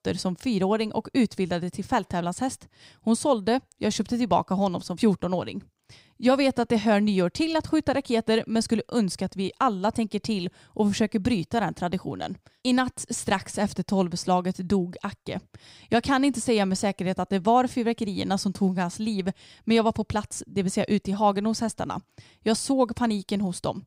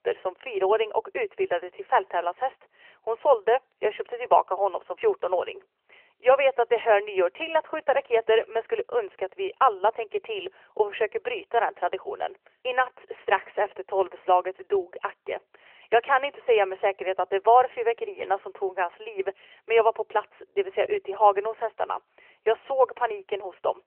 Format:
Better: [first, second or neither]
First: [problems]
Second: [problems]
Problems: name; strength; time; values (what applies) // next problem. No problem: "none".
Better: first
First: none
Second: phone-call audio; nothing above 3 kHz